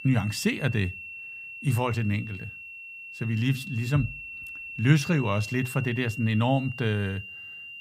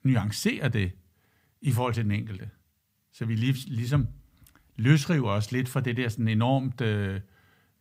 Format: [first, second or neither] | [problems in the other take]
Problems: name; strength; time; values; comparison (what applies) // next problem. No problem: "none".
second | high-pitched whine; noticeable; throughout; 2.5 kHz, 10 dB below the speech